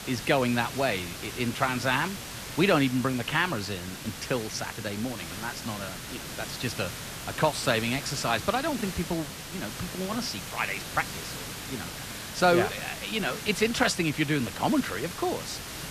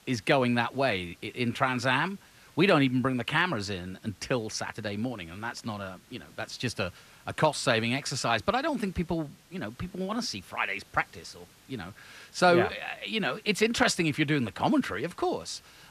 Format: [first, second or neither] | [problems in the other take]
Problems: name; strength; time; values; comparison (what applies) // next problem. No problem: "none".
second | hiss; loud; throughout; 8 dB below the speech; faint in the second